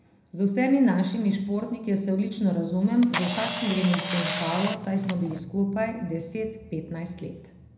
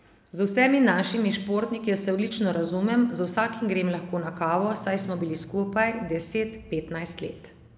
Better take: second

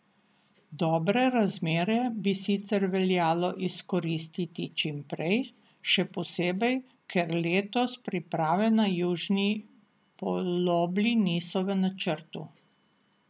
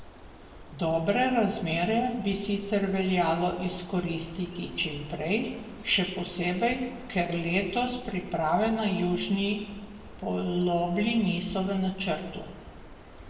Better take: first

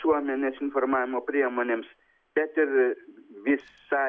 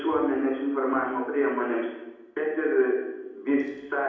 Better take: first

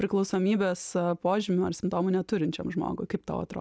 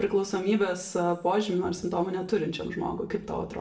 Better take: first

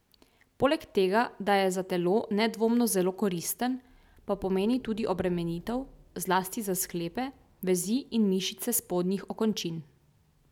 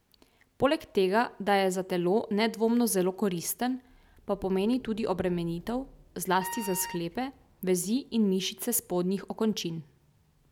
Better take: first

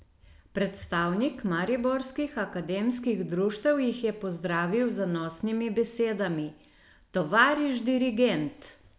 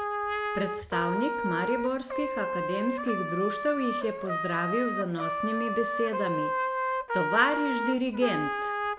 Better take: first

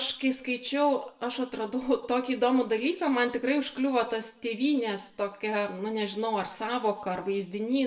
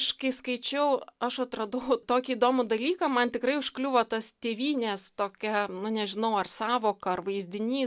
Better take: second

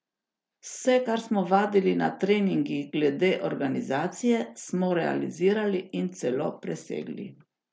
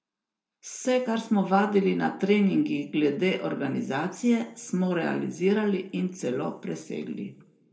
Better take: first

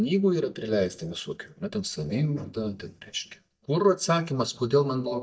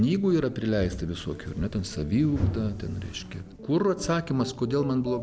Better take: second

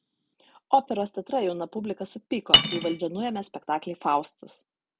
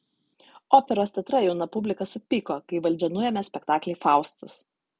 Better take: second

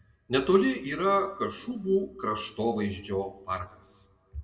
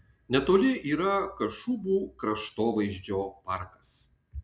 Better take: second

